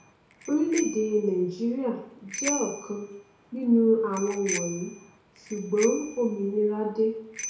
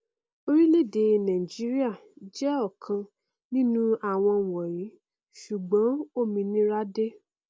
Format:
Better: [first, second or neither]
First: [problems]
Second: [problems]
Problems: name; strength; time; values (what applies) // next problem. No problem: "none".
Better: second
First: background sound (Bicycle bell); 12 dB below the speech // room echo; dies away in 0.6 s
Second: none